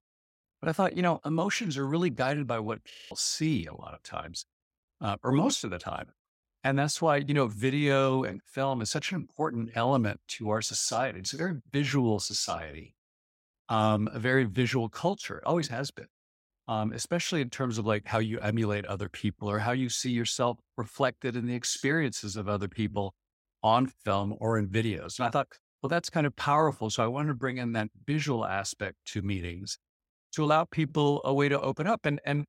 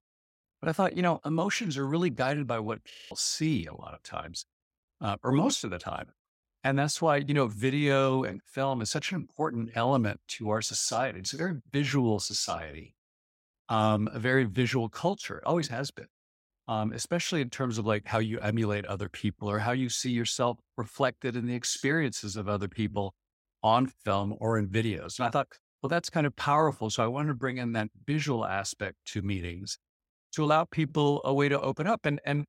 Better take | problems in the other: neither | audio freezing; at 3 s; the same in both

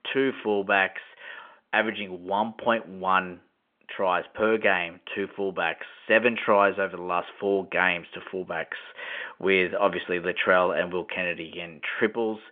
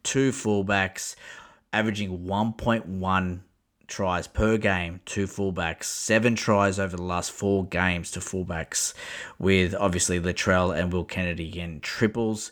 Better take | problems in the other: second | phone-call audio; nothing above 3 kHz

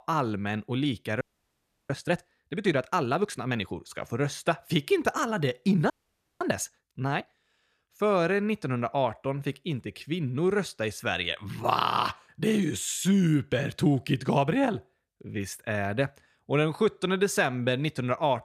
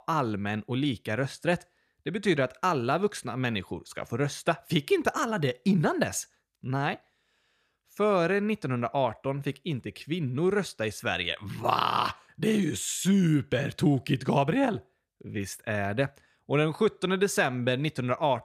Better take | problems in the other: second | audio freezing; at 1 s for 0.5 s and at 6 s for 0.5 s

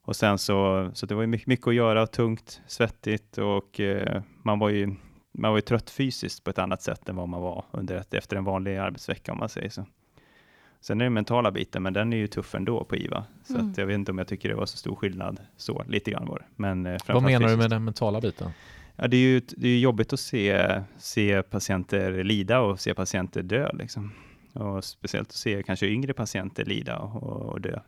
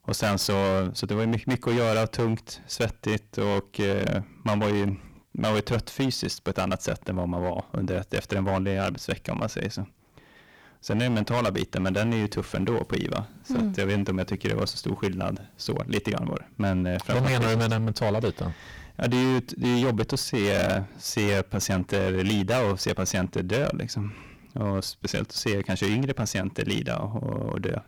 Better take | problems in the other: first | distortion; heavy; 17% of the sound clipped

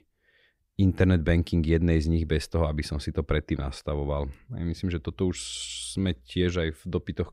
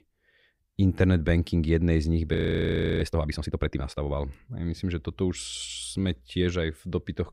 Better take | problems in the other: first | audio freezing; at 2.5 s for 0.5 s

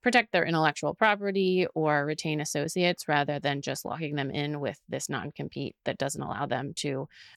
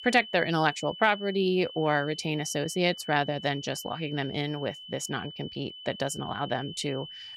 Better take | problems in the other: first | high-pitched whine; noticeable; throughout; 3 kHz, 10 dB below the speech

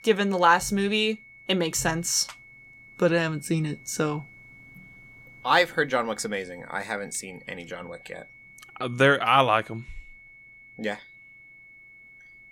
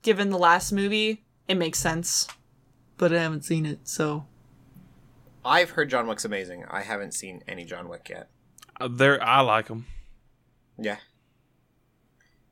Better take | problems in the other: second | high-pitched whine; faint; throughout; 2 kHz, 25 dB below the speech

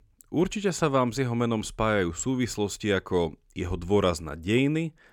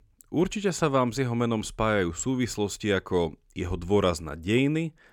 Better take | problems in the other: neither | none

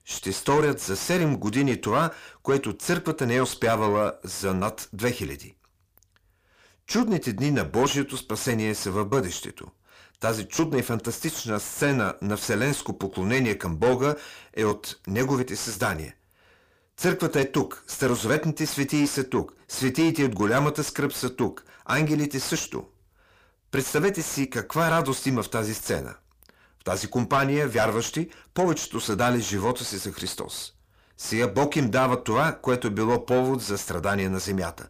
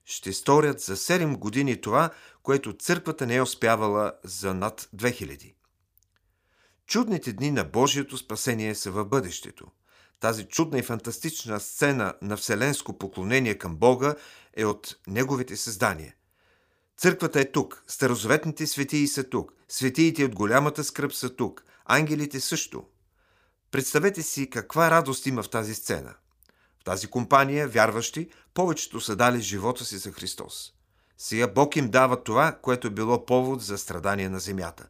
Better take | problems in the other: second | distortion; heavy; 7 dB below the speech

